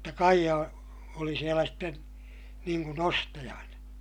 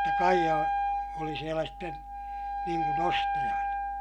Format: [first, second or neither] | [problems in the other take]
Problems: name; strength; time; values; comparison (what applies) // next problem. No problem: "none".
first | background sound (Wind instrument, woodwind instrument); 4 dB above the speech